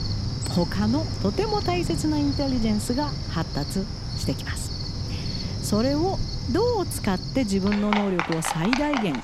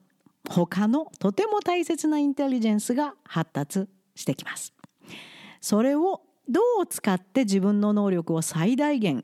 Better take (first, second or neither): second